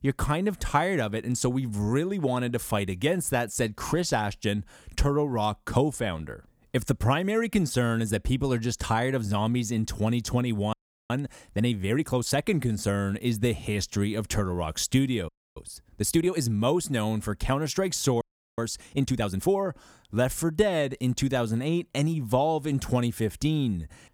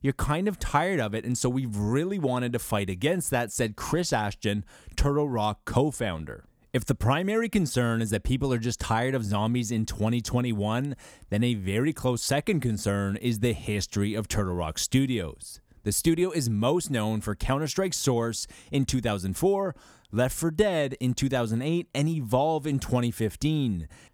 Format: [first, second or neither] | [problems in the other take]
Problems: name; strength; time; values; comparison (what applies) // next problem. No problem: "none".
second | audio freezing; at 11 s, at 15 s and at 18 s